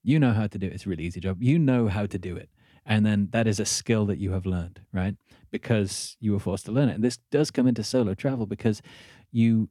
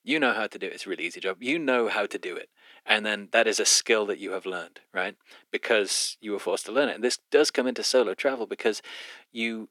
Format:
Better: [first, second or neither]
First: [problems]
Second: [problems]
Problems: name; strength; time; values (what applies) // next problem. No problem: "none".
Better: first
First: none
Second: thin; very; fading below 350 Hz